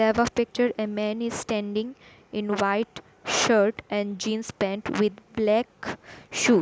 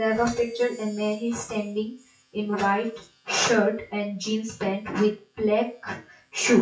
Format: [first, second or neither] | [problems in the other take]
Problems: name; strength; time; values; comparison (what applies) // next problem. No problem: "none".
first | noise reduction (classical method WPE with log-MMSE)